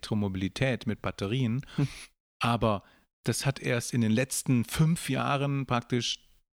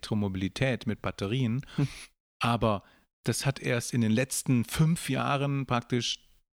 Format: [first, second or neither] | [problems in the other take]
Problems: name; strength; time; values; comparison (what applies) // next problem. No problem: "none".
neither | none